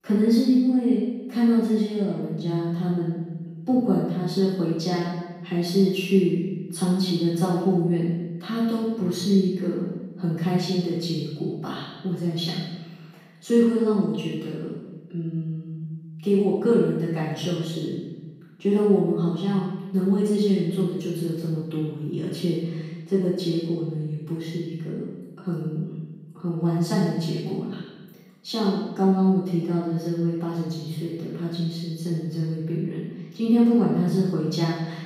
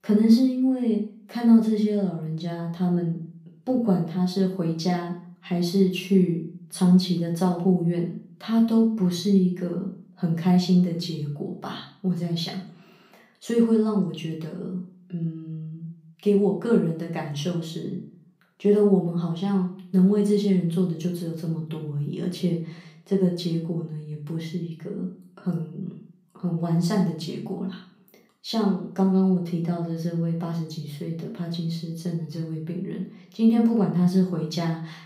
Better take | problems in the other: second | room echo; strong; dies away in 1.1 s; slight in the second // off-mic speech; far; far in the second

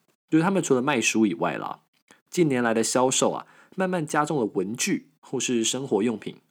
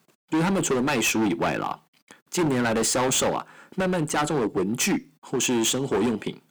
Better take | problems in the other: first | distortion; heavy; 19% of the sound clipped

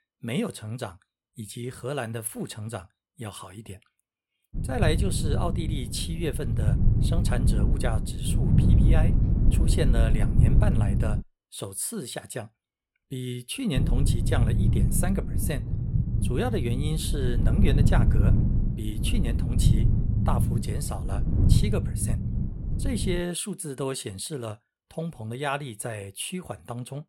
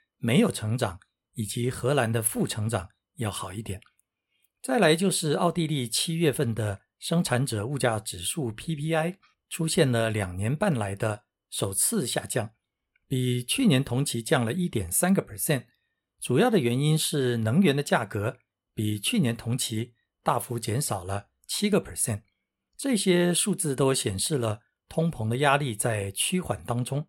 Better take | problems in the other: second | low rumble; loud; from 4.5 to 11 s and from 14 to 23 s; 3 dB below the speech

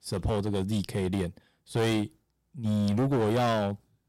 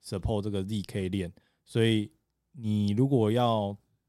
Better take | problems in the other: second | distortion; heavy; 14% of the sound clipped

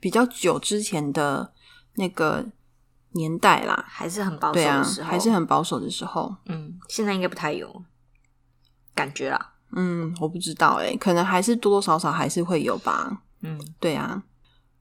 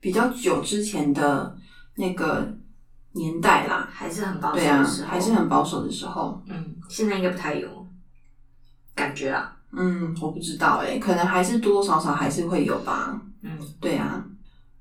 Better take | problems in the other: first | off-mic speech; far // room echo; very slight; dies away in 0.3 s

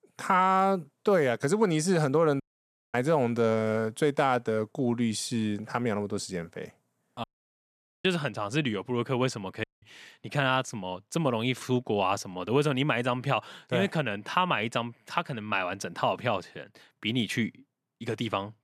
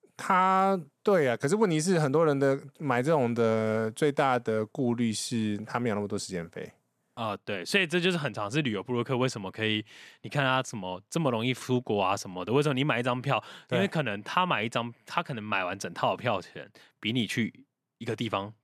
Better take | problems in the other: second | audio cutting out; at 2.5 s for 0.5 s, at 7 s for 1 s and at 9.5 s

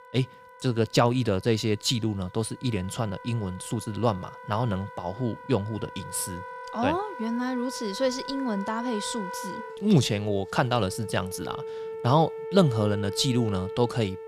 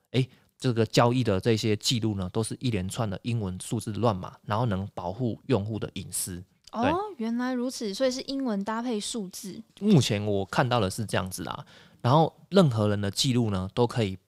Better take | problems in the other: second | background music; noticeable; throughout; 10 dB below the speech

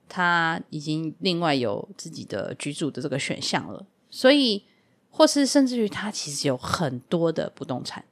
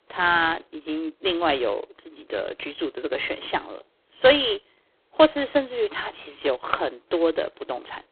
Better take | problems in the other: first | phone-call audio; poor line

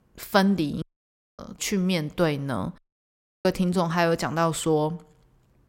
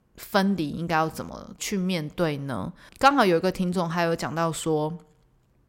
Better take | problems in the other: second | audio cutting out; at 1 s for 0.5 s and at 3 s for 0.5 s

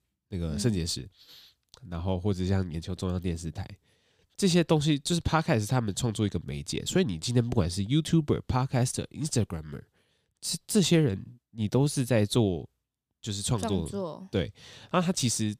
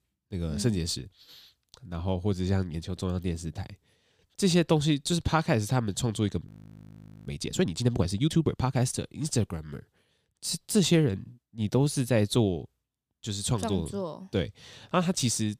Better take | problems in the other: first | audio freezing; at 6.5 s for 1 s

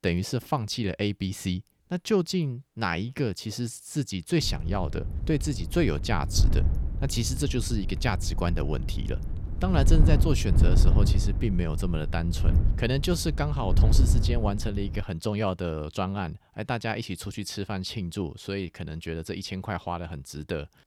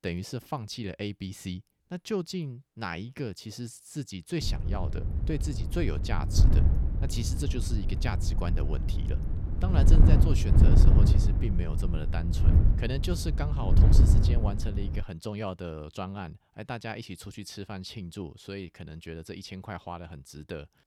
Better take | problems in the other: first | wind noise on the microphone; heavy; from 4.5 to 15 s; 2 dB below the speech; occasional gusts in the first

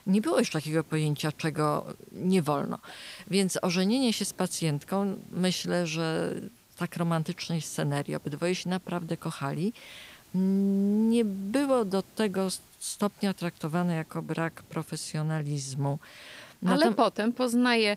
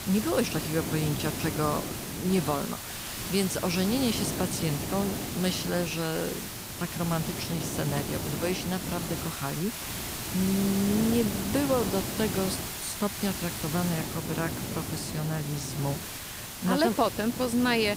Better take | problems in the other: first | hiss; loud; throughout; 4 dB below the speech; faint in the first

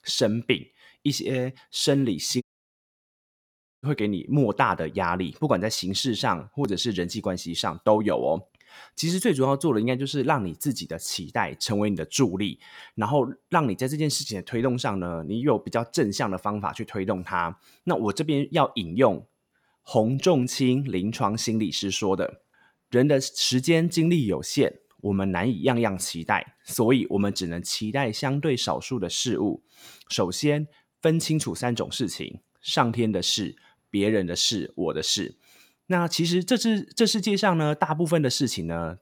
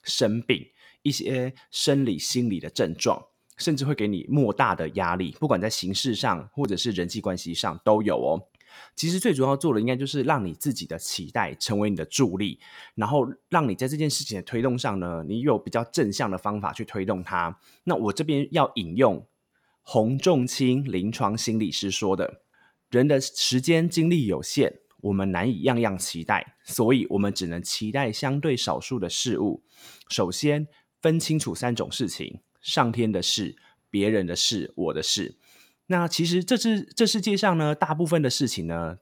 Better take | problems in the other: second | audio cutting out; at 2.5 s for 1.5 s

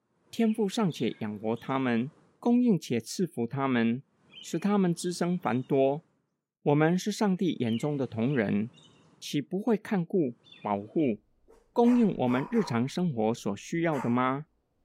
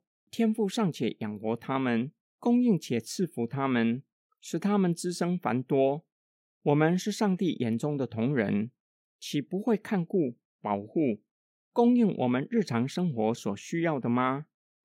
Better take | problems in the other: second | animal sounds; faint; throughout; 20 dB below the speech

